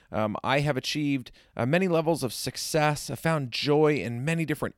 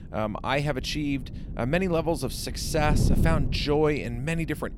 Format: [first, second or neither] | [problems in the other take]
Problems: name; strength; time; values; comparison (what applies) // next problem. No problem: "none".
first | wind noise on the microphone; occasional gusts; 15 dB below the speech